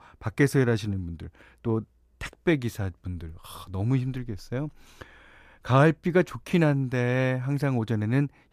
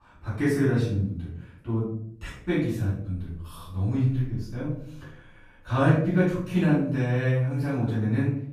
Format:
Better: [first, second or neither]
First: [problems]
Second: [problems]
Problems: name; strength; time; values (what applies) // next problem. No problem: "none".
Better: first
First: none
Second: room echo; noticeable; dies away in 0.6 s // off-mic speech; far